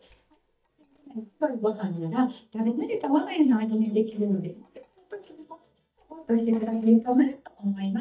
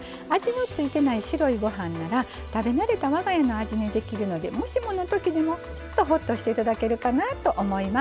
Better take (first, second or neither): second